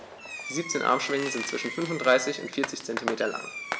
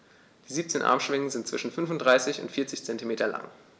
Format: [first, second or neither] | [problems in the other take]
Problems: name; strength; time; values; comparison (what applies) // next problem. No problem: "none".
second | background sound (Fireworks); 7 dB below the speech